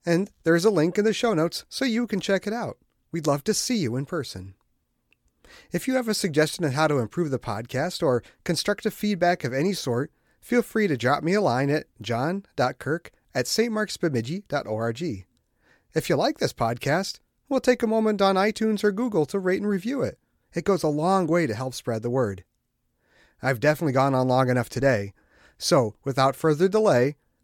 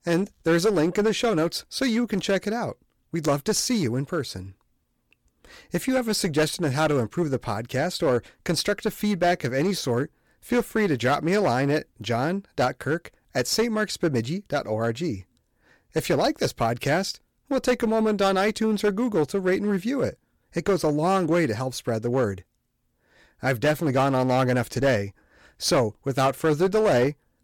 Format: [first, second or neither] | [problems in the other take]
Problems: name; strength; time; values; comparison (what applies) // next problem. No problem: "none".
first | distortion; slight; 6% of the sound clipped